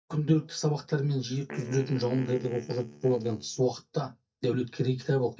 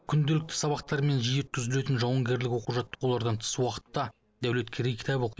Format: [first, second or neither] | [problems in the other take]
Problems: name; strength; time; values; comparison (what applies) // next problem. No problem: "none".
second | noise reduction (neural mask model DeepFilterNet 3)